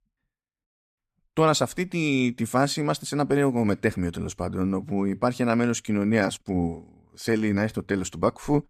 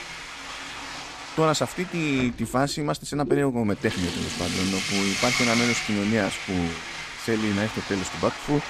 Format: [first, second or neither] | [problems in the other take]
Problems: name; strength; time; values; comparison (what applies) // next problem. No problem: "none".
first | household noises; loud; throughout; 3 dB below the speech